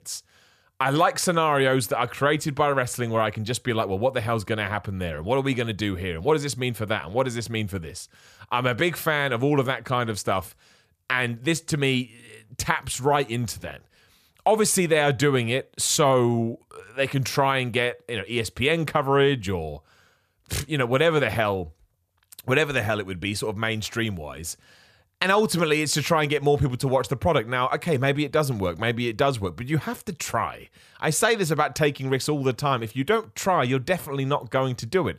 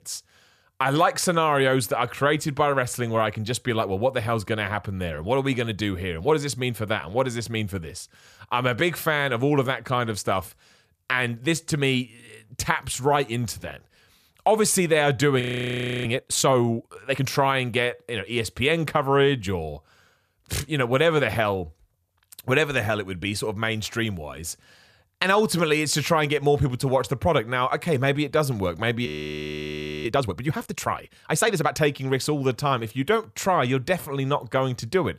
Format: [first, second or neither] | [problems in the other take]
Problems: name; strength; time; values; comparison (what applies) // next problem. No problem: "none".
first | audio freezing; at 15 s for 0.5 s and at 29 s for 1 s